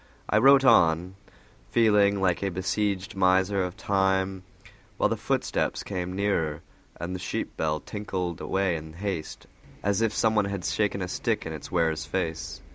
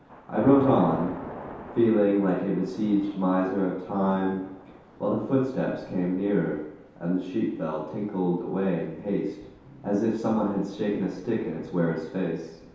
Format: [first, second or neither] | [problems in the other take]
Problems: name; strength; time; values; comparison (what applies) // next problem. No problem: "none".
first | background sound (Thunder / Rain); 17 dB below the speech // room echo; dies away in 0.8 s